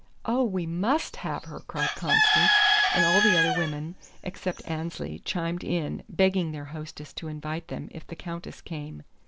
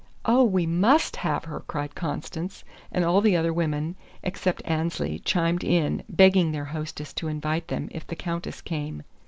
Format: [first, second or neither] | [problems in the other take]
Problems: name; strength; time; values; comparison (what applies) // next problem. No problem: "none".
second | background sound (Bird / Chicken, rooster); 4 dB above the speech